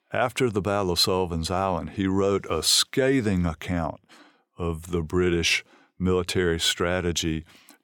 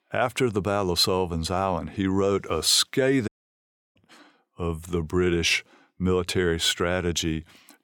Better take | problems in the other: first | audio cutting out; at 3.5 s for 0.5 s

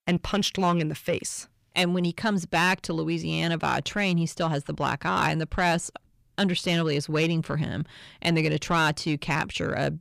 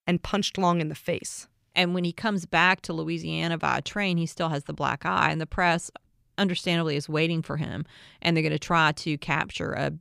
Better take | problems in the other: second | distortion; slight; 10 dB below the speech

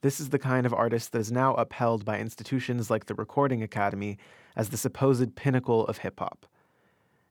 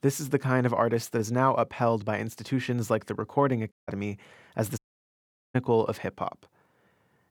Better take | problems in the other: first | audio cutting out; at 3.5 s and at 5 s for 1 s

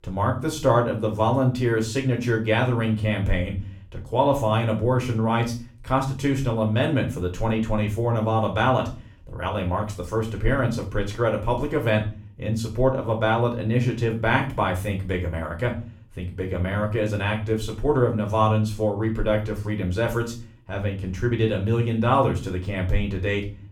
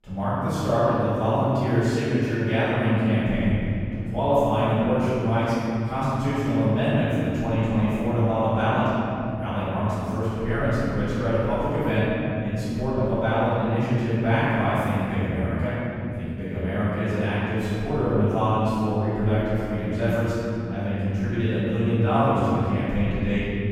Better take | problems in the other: first | room echo; strong; dies away in 3 s; slight in the first // off-mic speech; far; somewhat distant in the first

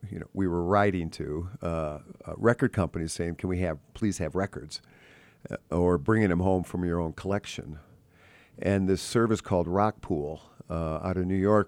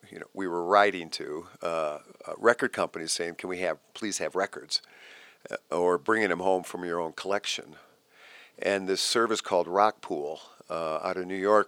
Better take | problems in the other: first | thin; somewhat; fading below 500 Hz

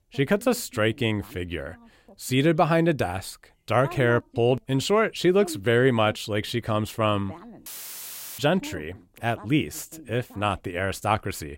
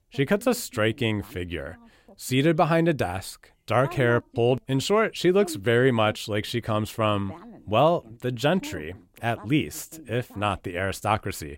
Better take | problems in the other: second | audio cutting out; filled with static; at 7.5 s for 0.5 s

